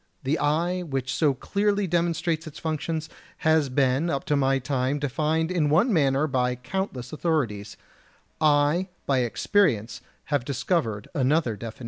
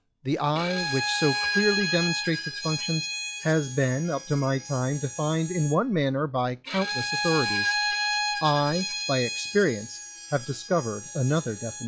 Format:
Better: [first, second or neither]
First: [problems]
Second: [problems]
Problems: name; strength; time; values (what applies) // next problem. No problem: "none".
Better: first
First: none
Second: noise reduction (classical method log-MMSE)